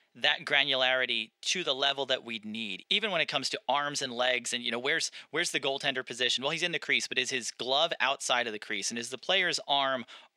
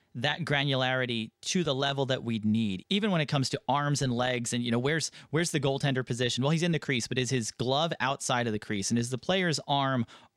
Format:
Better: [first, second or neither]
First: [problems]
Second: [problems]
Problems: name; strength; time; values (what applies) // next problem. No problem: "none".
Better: second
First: thin; somewhat; fading below 400 Hz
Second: none